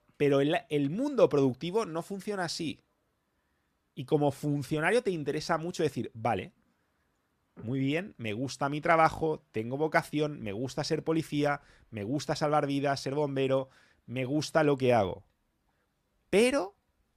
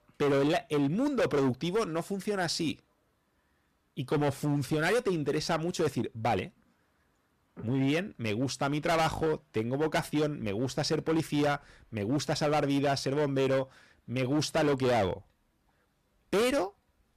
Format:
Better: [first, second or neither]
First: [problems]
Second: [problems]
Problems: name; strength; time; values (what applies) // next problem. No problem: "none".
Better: first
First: none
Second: distortion; heavy; 12% of the sound clipped